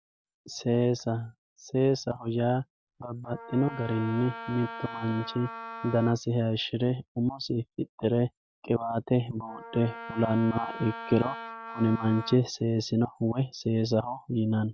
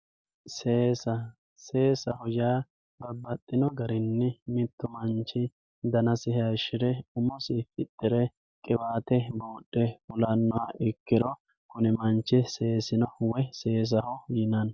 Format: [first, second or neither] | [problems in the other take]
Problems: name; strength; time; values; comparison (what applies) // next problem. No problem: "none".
second | background sound (Wind instrument, woodwind instrument); 12 dB below the speech